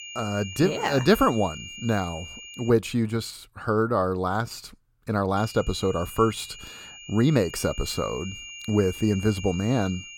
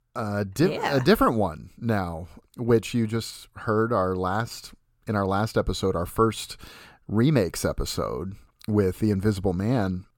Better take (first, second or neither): second